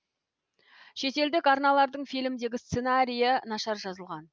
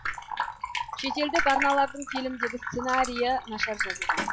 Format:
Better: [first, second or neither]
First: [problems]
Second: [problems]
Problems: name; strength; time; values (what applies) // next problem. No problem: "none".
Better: first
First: none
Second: noise reduction (classical method log-MMSE)